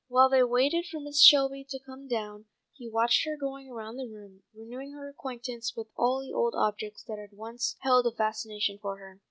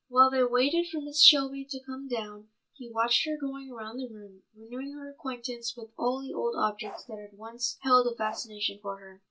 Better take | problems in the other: first | background sound (Bark); 15 dB below the speech // room echo; dies away in 0.1 s

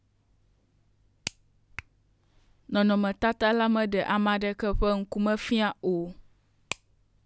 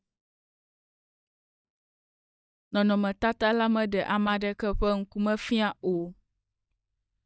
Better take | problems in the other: first | noise reduction (neural mask model DeepFilterNet 3)

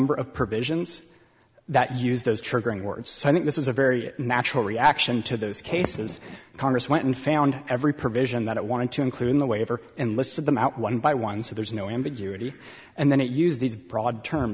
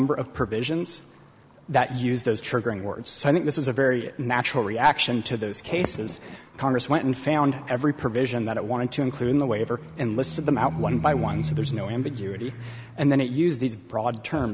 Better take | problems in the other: first | background sound (Livestock, farm animals, working animals); 12 dB below the speech

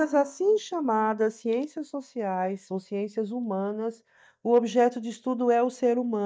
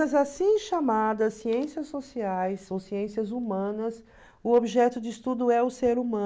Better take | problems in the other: second | noise reduction (neural mask model DeepFilterNet 3)

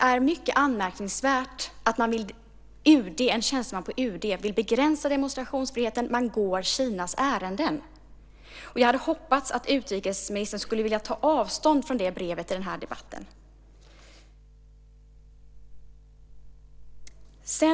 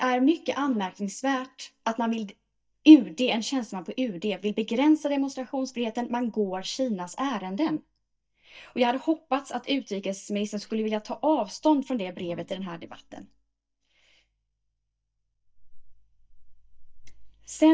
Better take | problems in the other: first | noise reduction (neural mask model DeepFilterNet 3)

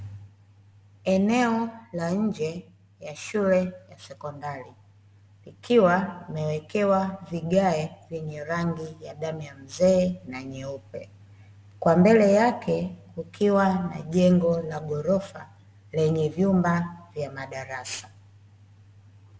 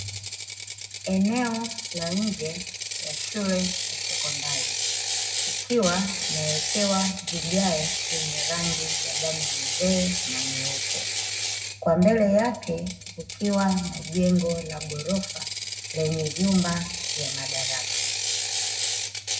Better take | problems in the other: first | background sound (Ratchet, pawl); 2 dB below the speech // room echo; dies away in 0.4 s

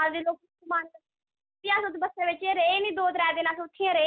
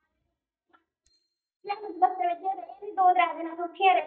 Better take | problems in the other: first | noise reduction (neural mask model DeepFilterNet 3)

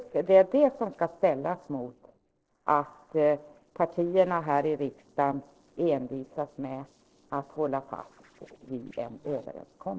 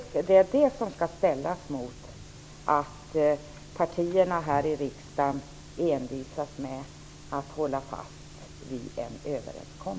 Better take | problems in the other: second | noise reduction (neural separator model SepFormer DNS4)

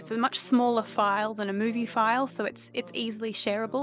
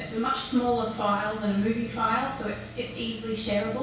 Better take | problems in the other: first | background sound (Sawing); 19 dB below the speech // room echo; dies away in 0.6 s

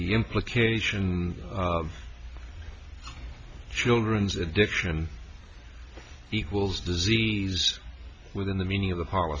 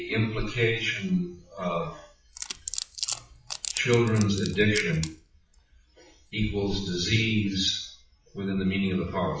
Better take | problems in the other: first | noise reduction (classical method WPE with log-MMSE)

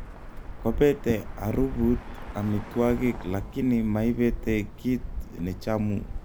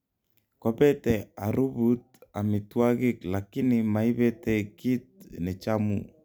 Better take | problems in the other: second | background sound (Bird); 8 dB below the speech

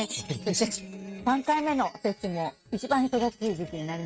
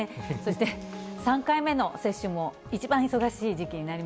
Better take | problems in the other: second | noise reduction (neural mask model RNNoise)

